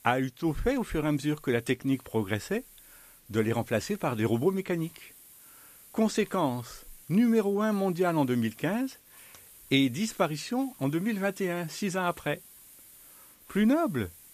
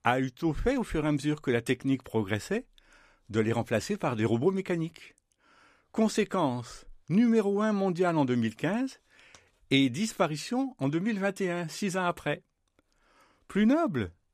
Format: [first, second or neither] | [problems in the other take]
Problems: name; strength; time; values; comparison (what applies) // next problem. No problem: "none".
second | hiss; faint; throughout; 20 dB below the speech